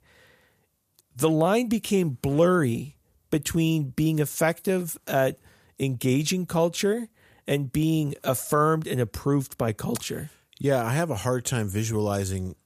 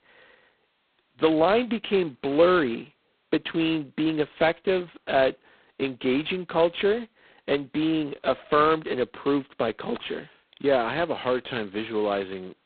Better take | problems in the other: first | phone-call audio; poor line; nothing above 4 kHz

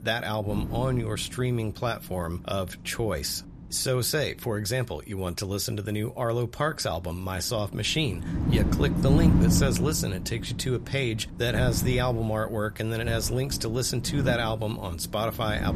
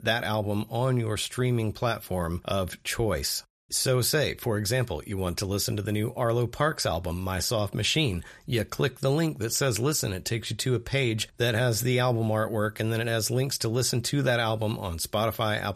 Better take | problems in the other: second | wind noise on the microphone; heavy; 8 dB below the speech

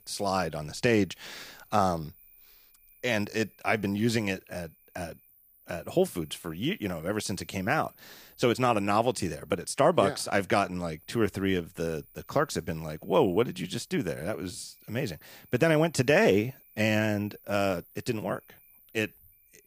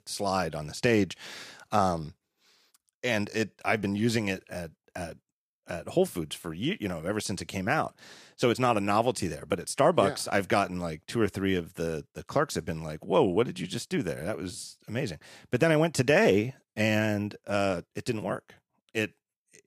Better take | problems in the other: second | animal sounds; faint; throughout; 25 dB below the speech

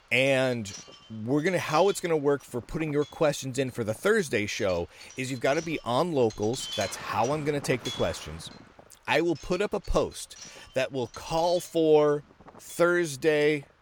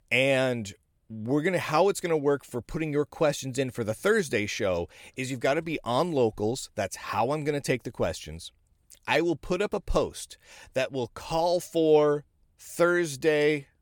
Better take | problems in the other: second | wind noise on the microphone; occasional gusts; 15 dB below the speech

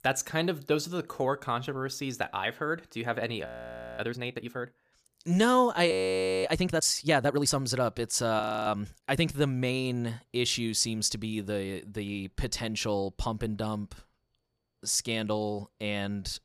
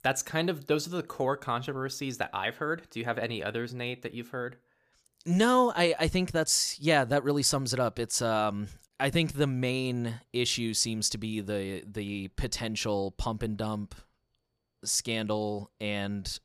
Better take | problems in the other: second | audio freezing; at 3.5 s for 0.5 s, at 6 s for 0.5 s and at 8.5 s

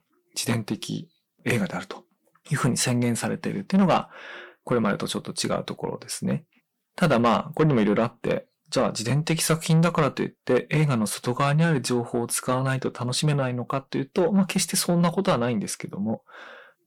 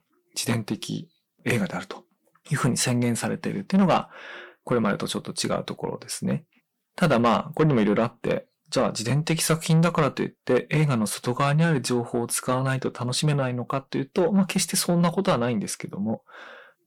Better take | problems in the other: neither | distortion; slight; 10 dB below the speech; the same in both

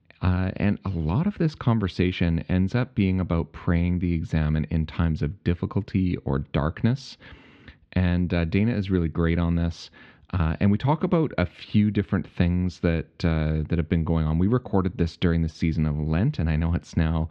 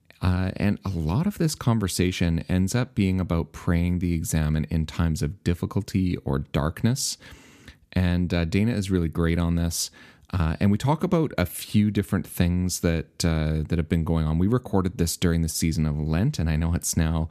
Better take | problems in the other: second | muffled; slightly; fading above 3.5 kHz

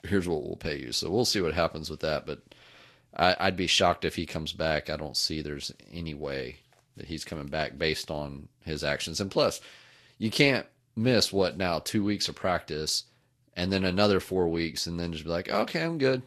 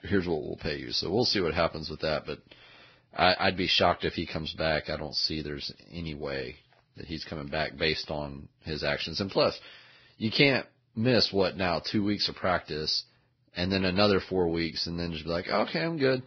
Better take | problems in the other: first | garbled, watery; badly; nothing above 5 kHz; slightly in the first

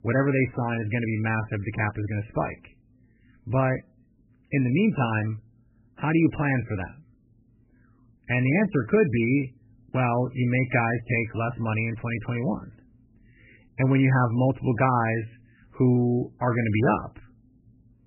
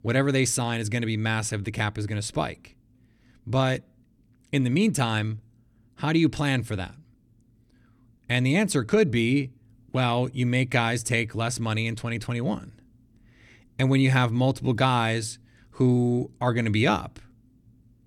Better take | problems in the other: second | garbled, watery; badly; nothing above 2.5 kHz

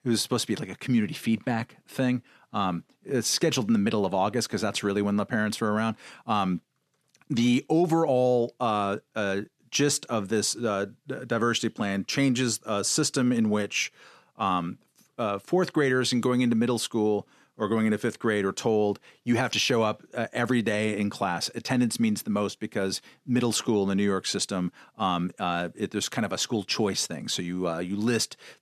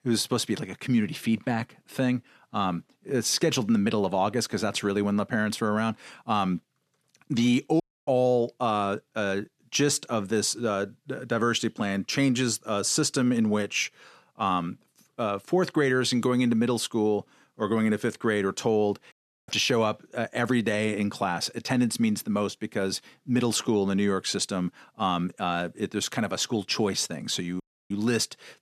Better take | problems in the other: first | audio cutting out; at 8 s, at 19 s and at 28 s

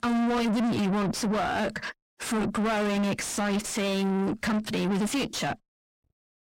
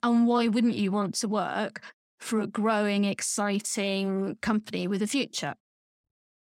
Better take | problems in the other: second | distortion; heavy; 6 dB below the speech

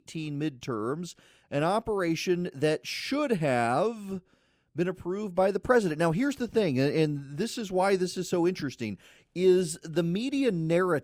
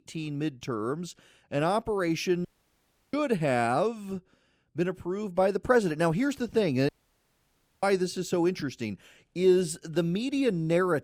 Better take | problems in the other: first | audio cutting out; at 2.5 s for 0.5 s and at 7 s for 1 s

